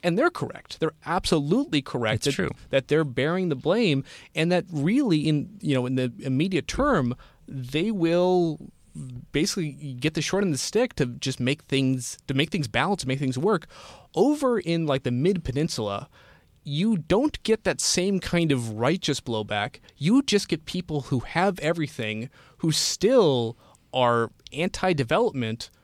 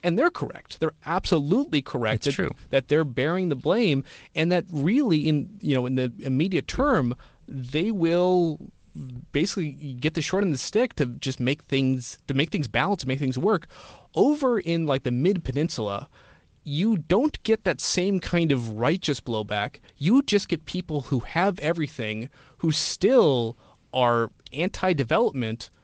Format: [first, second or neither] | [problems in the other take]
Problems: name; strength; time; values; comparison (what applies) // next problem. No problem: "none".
first | garbled, watery; slightly; nothing above 8 kHz